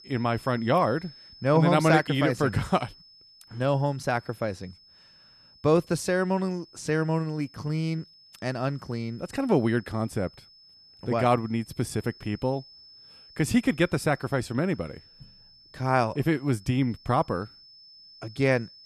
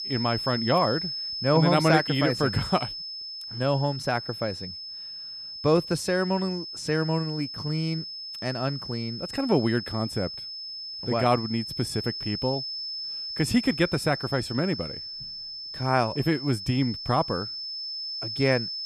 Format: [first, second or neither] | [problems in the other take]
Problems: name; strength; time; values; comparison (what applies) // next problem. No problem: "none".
first | high-pitched whine; loud; throughout; 5 kHz, 6 dB below the speech; faint in the first